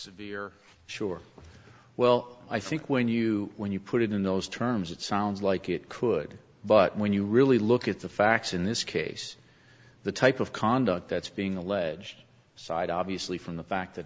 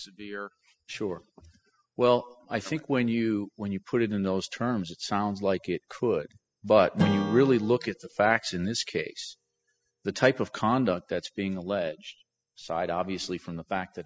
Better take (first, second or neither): first